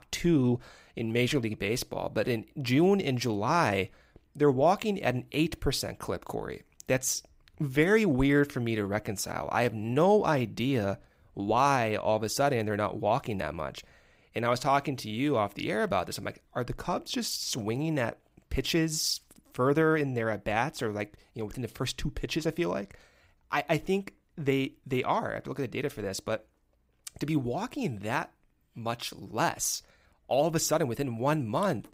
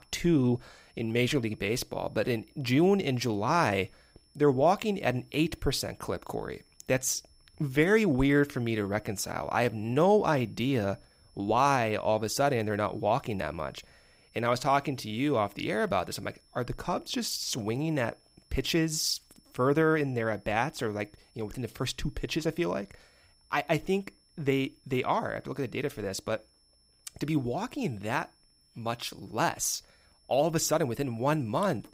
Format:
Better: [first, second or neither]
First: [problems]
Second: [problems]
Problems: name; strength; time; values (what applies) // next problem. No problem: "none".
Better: first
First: none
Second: high-pitched whine; faint; throughout; 5.5 kHz, 35 dB below the speech